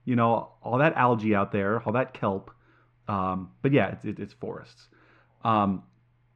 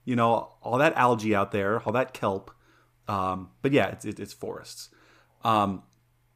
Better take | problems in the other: second | muffled; slightly; fading above 2.5 kHz

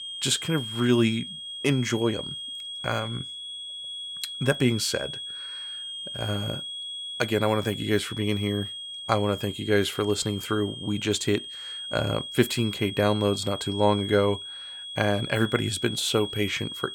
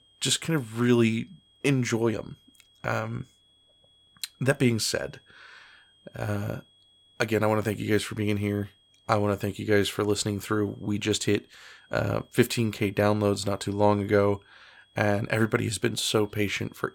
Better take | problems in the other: second | high-pitched whine; loud; throughout; 3.5 kHz, 8 dB below the speech; faint in the second

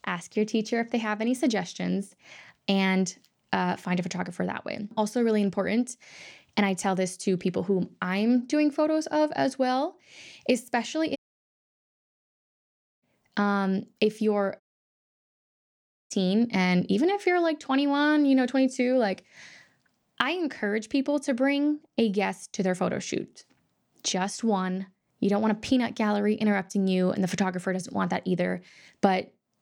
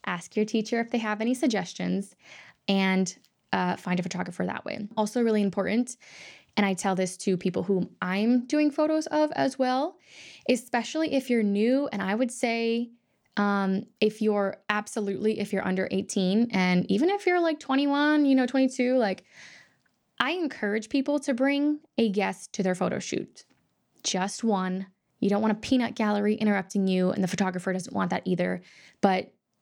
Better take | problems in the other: second | audio cutting out; at 11 s for 2 s and at 15 s for 1.5 s

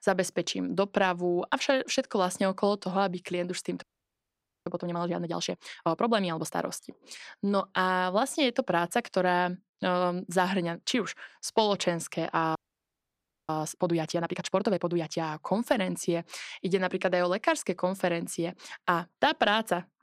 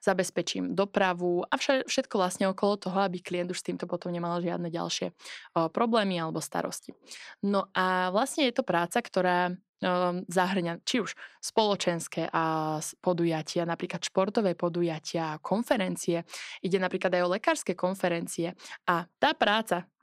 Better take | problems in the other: second | audio freezing; at 4 s for 1 s and at 13 s for 1 s

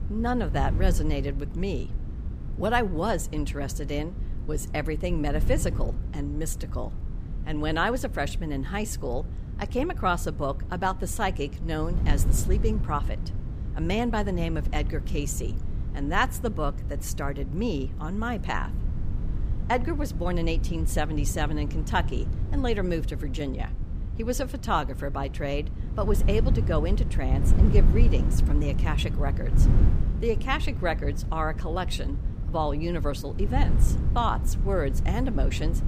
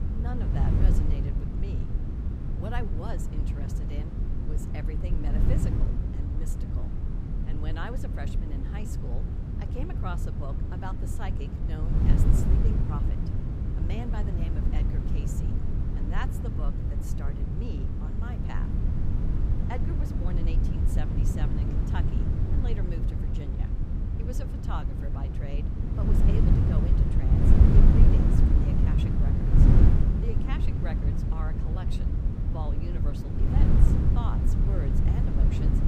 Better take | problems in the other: first | wind noise on the microphone; heavy; 3 dB above the speech; occasional gusts in the first

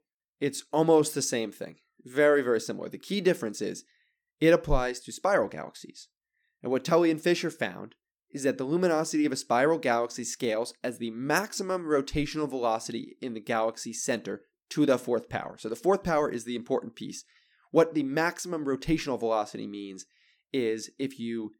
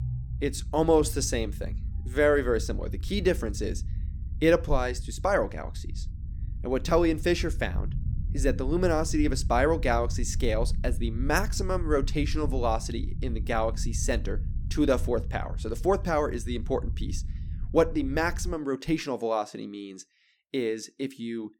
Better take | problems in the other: first | low rumble; faint; until 19 s; 20 dB below the speech

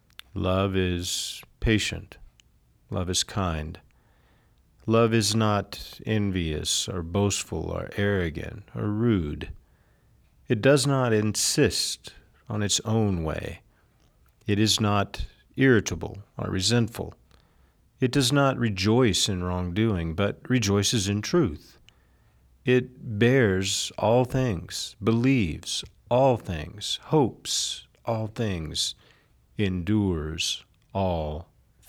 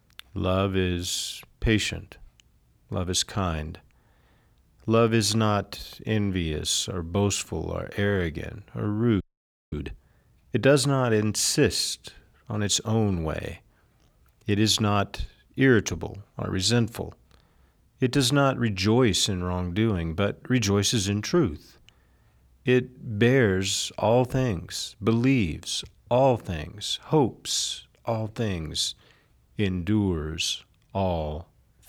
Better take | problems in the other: first | audio freezing; at 9 s for 0.5 s

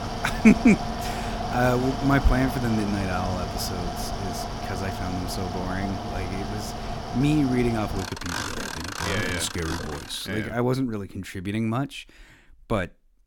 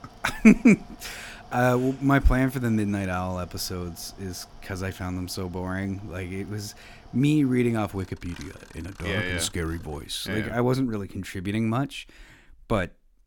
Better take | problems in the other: second | machinery noise; loud; until 10 s; 5 dB below the speech; faint in the second

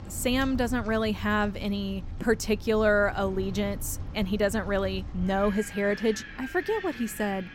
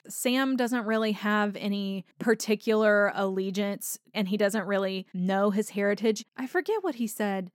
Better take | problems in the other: second | wind in the background; noticeable; throughout; 10 dB below the speech

